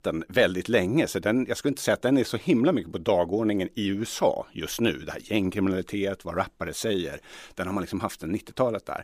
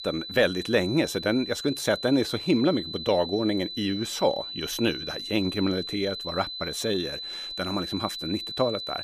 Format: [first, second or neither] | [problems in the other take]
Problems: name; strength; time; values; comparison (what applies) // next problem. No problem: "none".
first | high-pitched whine; loud; throughout; 4 kHz, 7 dB below the speech